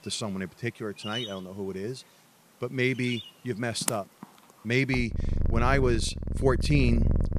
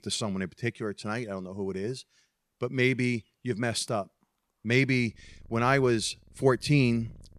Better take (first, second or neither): second